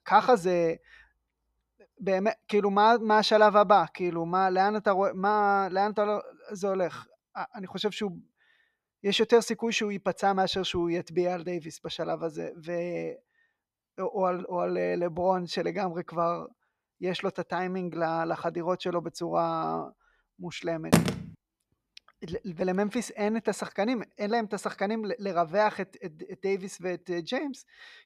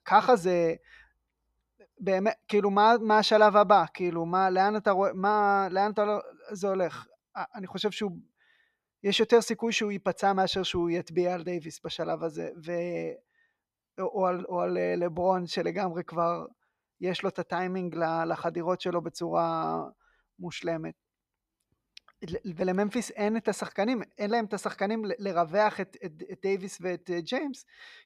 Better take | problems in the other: second | phone ringing; loud; at 21 s; peak 3 dB above the speech

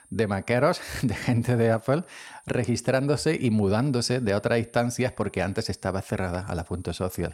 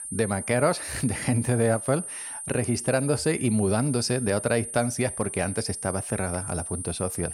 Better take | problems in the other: first | high-pitched whine; loud; throughout; 9 kHz, 7 dB below the speech; faint in the first

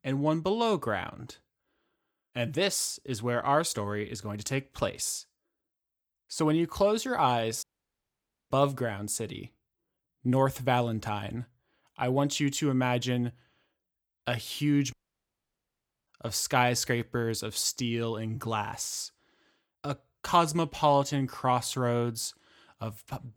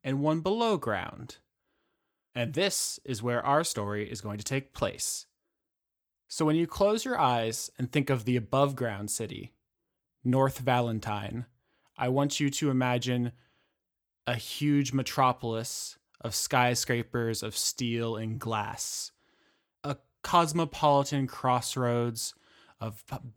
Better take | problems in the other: second | audio cutting out; at 7.5 s for 1 s and at 15 s for 1 s

